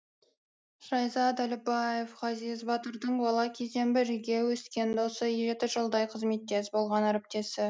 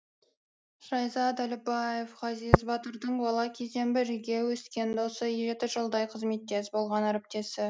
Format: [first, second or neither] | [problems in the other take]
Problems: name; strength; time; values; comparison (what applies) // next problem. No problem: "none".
first | background sound (Tap); 2 dB below the speech